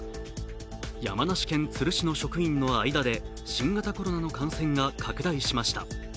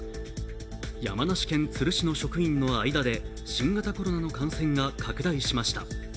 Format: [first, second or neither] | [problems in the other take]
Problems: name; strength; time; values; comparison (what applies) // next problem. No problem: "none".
first | room echo; dies away in 0.5 s